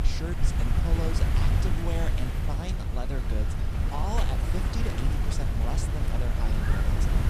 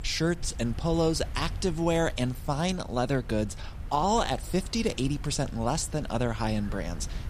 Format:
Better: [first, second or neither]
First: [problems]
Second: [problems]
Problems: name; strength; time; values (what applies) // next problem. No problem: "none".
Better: second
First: wind noise on the microphone; heavy; 1 dB above the speech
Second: wind noise on the microphone; occasional gusts; 20 dB below the speech